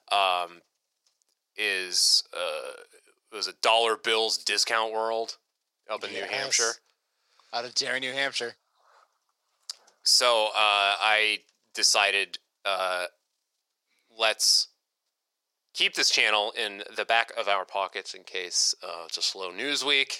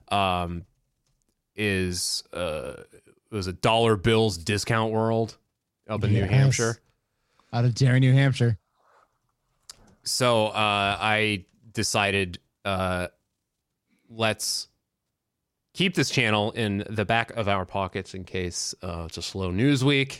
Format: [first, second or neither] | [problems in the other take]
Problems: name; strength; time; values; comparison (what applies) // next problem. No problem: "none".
second | thin; very; fading below 550 Hz